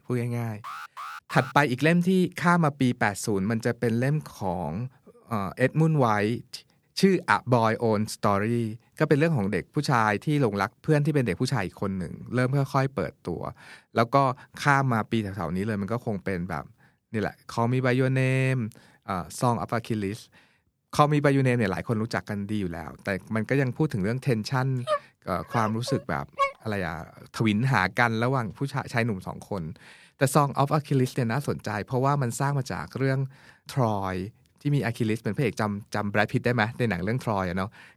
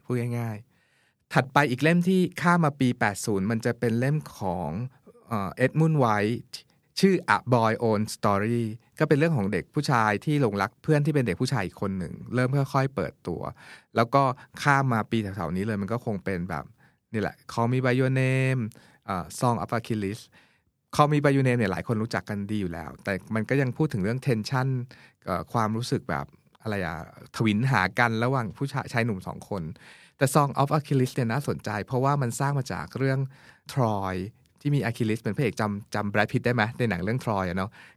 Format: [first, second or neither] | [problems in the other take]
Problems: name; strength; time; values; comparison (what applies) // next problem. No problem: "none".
second | alarm; faint; at 0.5 s; peak 10 dB below the speech // dog barking; noticeable; from 25 to 27 s; peak 2 dB below the speech